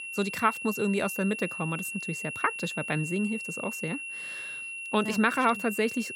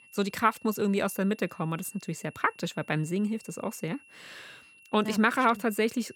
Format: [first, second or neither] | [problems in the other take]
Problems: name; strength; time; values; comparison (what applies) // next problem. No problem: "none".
second | high-pitched whine; loud; throughout; 2.5 kHz, 6 dB below the speech; faint in the second